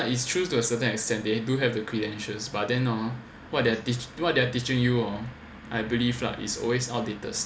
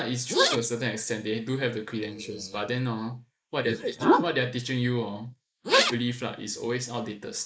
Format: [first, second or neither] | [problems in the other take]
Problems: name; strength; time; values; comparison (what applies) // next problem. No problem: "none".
first | noise reduction (neural mask model Resemble Enhance denoiser)